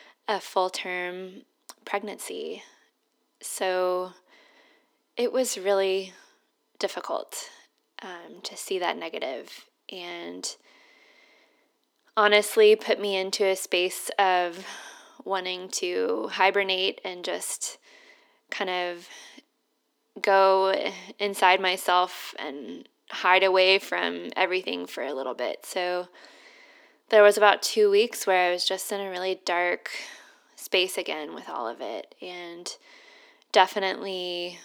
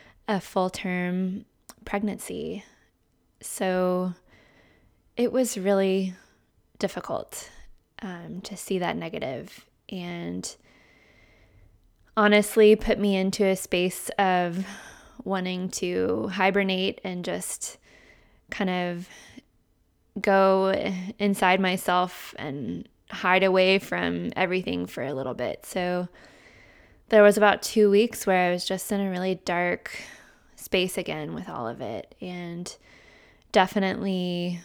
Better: second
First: thin; somewhat; fading below 300 Hz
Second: none

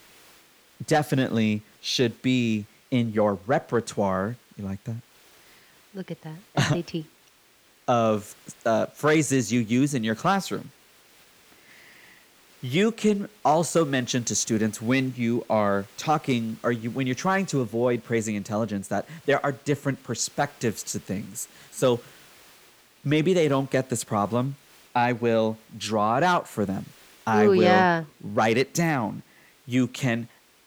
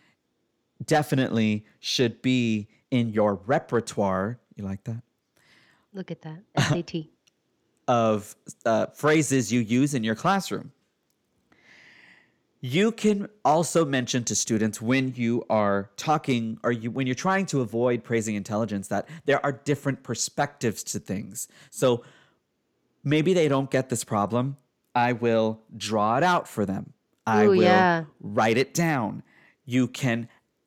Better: second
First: hiss; faint; throughout; 30 dB below the speech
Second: none

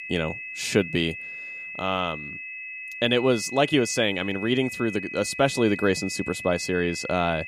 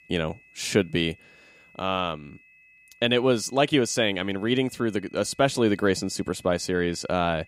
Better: second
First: high-pitched whine; loud; throughout; 2.5 kHz, 9 dB below the speech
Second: high-pitched whine; faint; throughout; 2.5 kHz, 30 dB below the speech

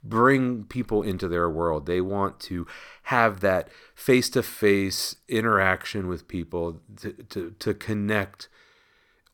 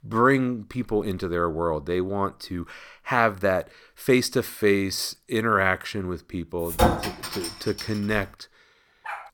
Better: first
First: none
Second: clattering dishes; loud; from 6.5 to 8 s; peak 3 dB above the speech // dog barking; faint; at 9 s; peak 10 dB below the speech

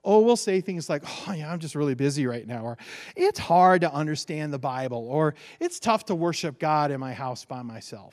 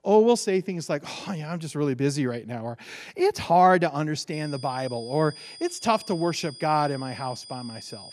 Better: first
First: none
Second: high-pitched whine; noticeable; from 4.5 s on; 5 kHz, 15 dB below the speech

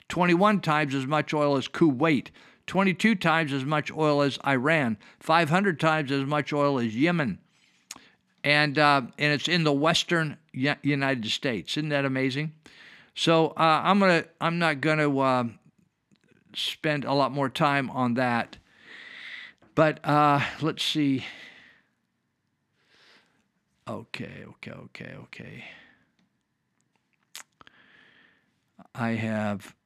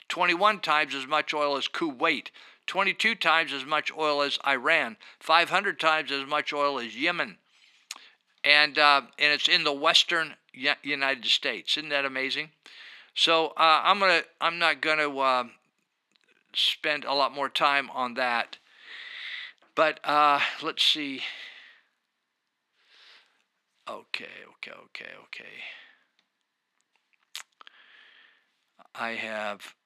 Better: first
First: none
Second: thin; somewhat; fading below 500 Hz

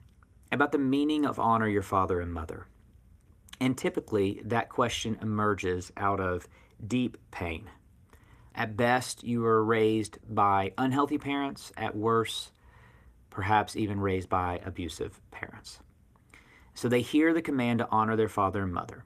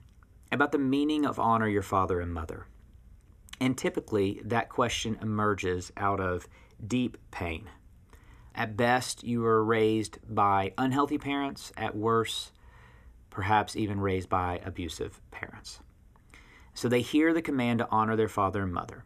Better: second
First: garbled, watery; slightly; nothing above 14.5 kHz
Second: none

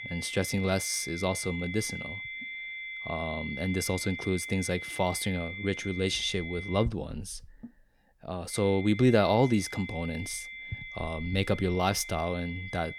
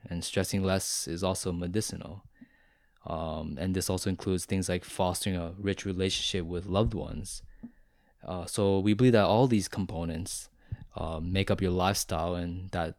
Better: second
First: high-pitched whine; loud; until 7 s and from 8.5 s on; 2 kHz, 8 dB below the speech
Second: none

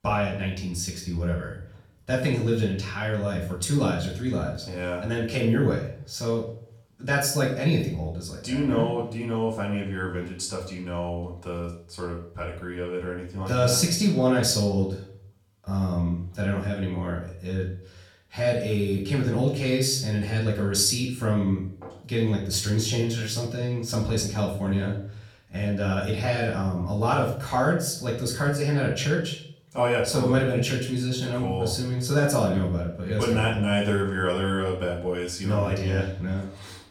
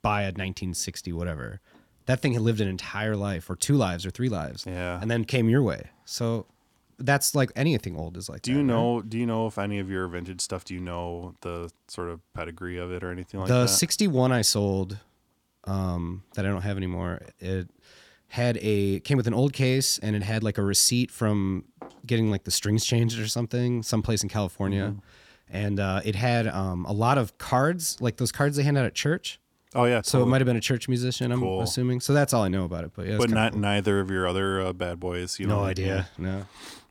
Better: second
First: off-mic speech; far // room echo; slight; dies away in 0.5 s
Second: none

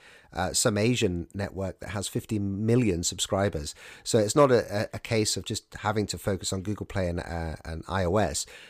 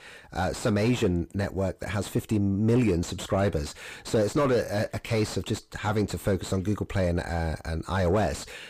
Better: first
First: none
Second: distortion; heavy; 6 dB below the speech

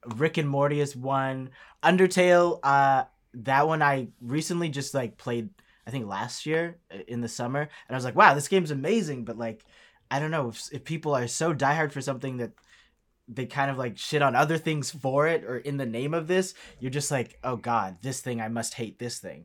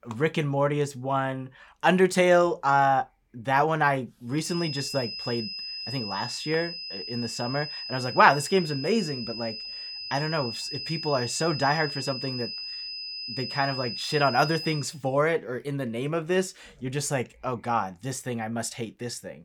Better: first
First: none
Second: high-pitched whine; loud; from 4.5 to 15 s; 5 kHz, 7 dB below the speech

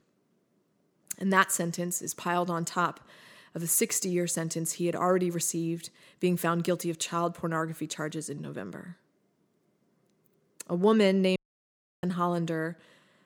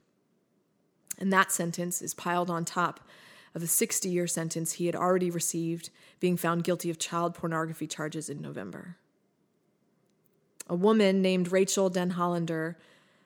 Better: second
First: audio cutting out; at 11 s for 0.5 s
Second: none

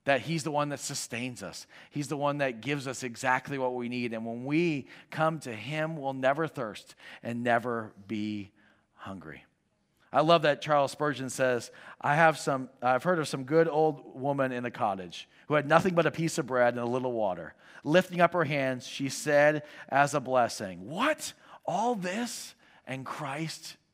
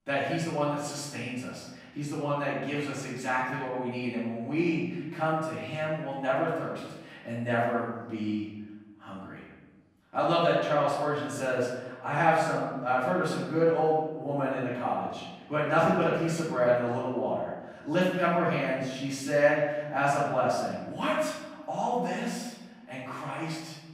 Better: first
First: none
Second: room echo; noticeable; dies away in 1 s // off-mic speech; far

